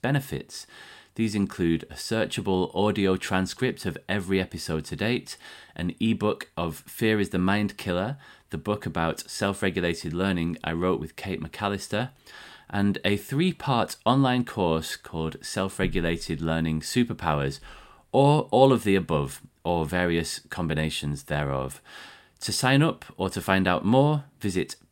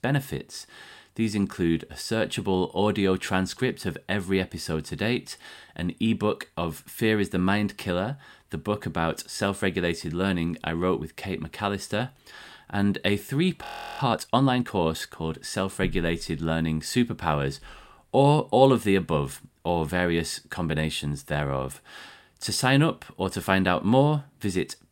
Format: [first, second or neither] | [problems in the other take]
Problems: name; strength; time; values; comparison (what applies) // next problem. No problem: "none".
first | audio freezing; at 14 s